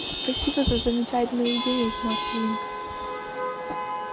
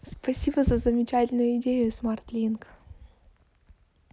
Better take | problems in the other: second | background sound (Chatter / Traffic noise, roadway noise / Vehicle horn, car horn, honking / Engine); 3 dB below the speech

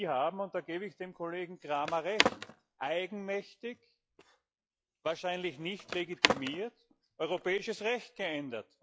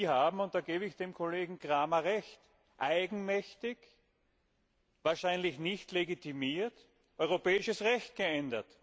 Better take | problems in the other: second | noise reduction (classical method log-MMSE)

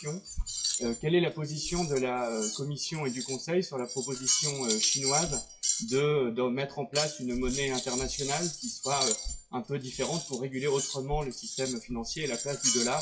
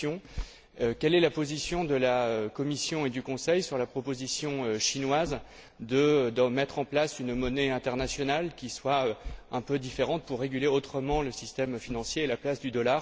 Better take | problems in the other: second | noise reduction (classical method WPE with log-MMSE)

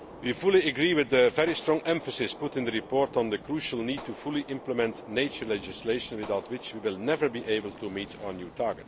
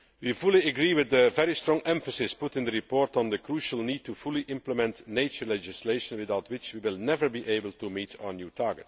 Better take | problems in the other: second | background sound (Gunshot, gunfire); 16 dB below the speech

